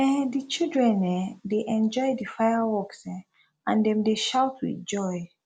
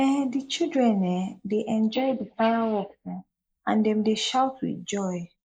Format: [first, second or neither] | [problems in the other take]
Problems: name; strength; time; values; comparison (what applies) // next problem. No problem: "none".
first | noise reduction (neural mask model Resemble Enhance denoiser)